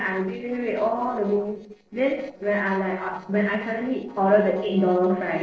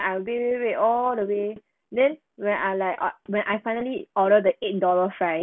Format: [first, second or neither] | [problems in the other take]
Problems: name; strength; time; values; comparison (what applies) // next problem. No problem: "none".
second | noise reduction (neural separator model SepFormer DNS4)